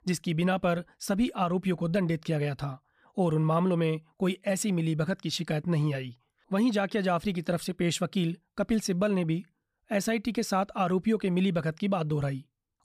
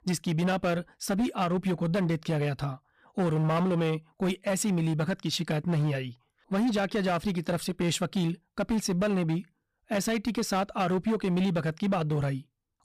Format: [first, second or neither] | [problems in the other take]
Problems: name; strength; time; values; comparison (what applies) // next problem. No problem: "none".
first | distortion; slight; 14% of the sound clipped